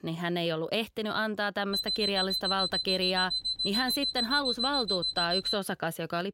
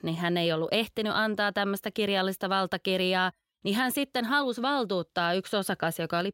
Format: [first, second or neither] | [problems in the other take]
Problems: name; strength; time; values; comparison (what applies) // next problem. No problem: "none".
second | alarm; loud; from 1.5 to 5.5 s; peak 3 dB above the speech